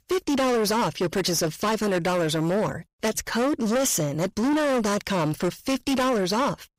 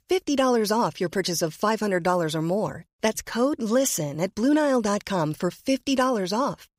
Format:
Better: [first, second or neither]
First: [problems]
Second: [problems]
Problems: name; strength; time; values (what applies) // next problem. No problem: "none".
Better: second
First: distortion; heavy; 25% of the sound clipped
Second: none